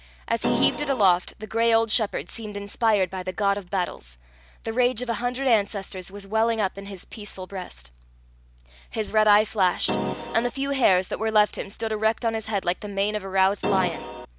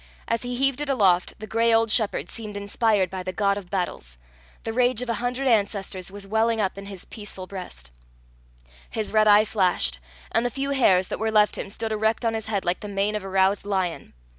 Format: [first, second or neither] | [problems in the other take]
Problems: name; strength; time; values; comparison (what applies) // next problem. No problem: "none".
second | background sound (Keyboard (musical)); 3 dB below the speech